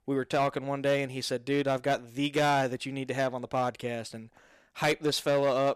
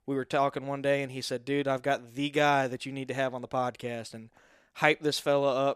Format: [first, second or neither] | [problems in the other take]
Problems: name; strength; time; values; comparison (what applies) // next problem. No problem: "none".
second | distortion; slight; 5% of the sound clipped